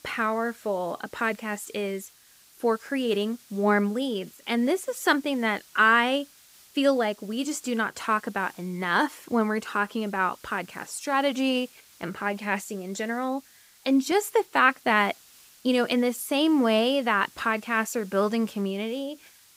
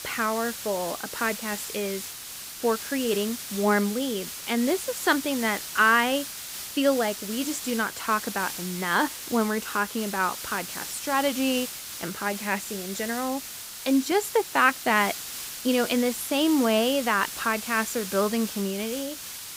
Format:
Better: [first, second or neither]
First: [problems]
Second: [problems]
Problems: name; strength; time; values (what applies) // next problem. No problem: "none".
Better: first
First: hiss; faint; throughout; 25 dB below the speech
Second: hiss; loud; throughout; 8 dB below the speech